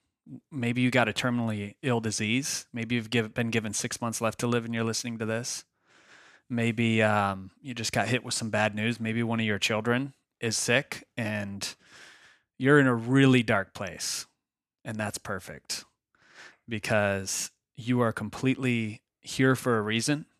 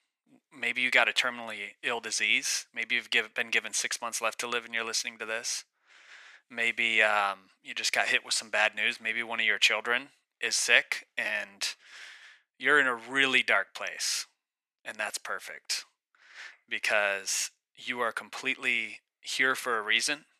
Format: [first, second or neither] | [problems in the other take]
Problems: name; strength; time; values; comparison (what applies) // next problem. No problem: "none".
first | thin; very; fading below 600 Hz